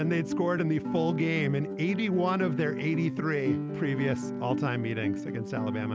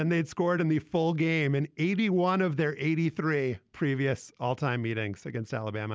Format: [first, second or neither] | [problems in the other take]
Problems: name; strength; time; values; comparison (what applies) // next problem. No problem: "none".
second | background sound (Guitar); 4 dB below the speech